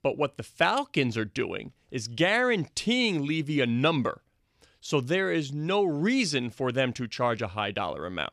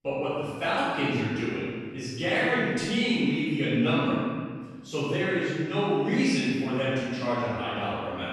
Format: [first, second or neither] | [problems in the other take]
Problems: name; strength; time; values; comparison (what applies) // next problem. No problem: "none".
first | room echo; strong; dies away in 1.6 s // off-mic speech; far